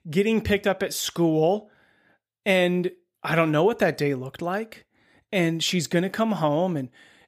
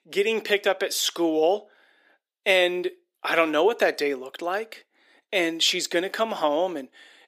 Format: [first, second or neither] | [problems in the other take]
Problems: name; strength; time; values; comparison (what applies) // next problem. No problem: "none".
first | thin; somewhat; fading below 300 Hz